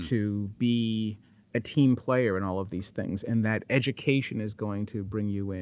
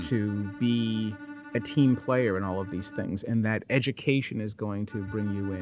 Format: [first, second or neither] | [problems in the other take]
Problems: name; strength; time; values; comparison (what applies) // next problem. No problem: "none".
first | background sound (Bowed string instrument); 16 dB below the speech